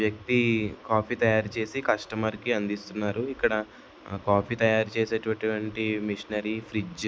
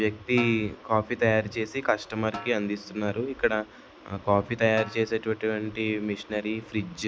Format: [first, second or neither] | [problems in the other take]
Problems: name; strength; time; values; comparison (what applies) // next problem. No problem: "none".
first | background sound (Snare drum); 19 dB below the speech